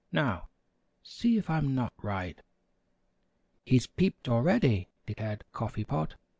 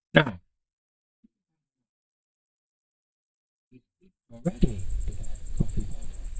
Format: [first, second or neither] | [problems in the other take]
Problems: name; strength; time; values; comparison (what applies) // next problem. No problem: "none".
first | noise reduction (neural mask model DeepFilterNet 3)